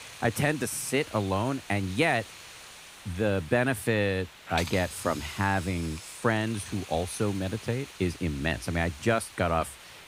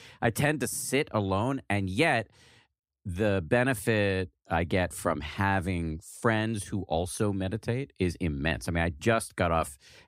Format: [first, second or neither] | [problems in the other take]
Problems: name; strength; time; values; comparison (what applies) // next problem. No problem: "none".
second | hiss; noticeable; throughout; 15 dB below the speech